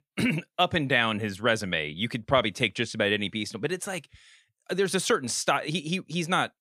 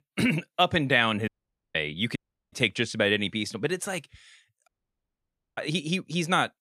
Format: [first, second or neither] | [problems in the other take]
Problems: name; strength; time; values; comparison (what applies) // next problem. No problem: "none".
first | audio cutting out; at 1.5 s, at 2 s and at 4.5 s for 1 s